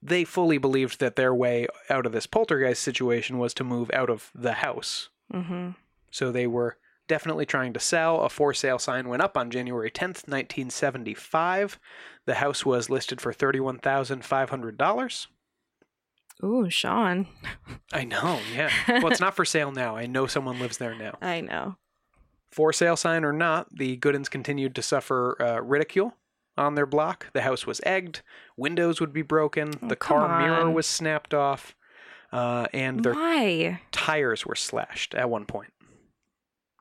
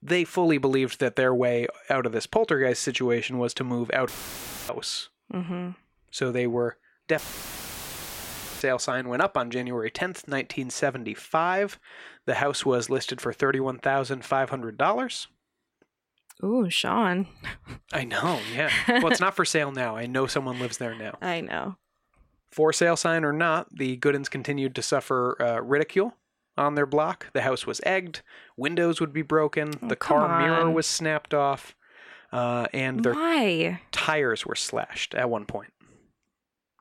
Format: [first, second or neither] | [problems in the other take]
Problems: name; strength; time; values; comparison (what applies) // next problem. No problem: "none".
first | audio cutting out; filled with static; at 4 s for 0.5 s and at 7 s for 1.5 s